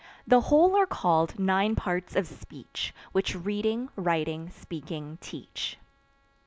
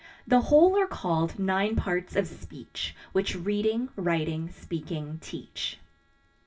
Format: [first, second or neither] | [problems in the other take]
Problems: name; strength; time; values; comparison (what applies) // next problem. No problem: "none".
first | room echo; dies away in 0.1 s